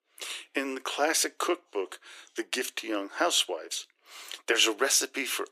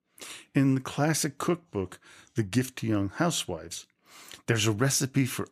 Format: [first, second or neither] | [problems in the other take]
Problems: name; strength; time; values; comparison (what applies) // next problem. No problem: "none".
second | thin; very; fading below 350 Hz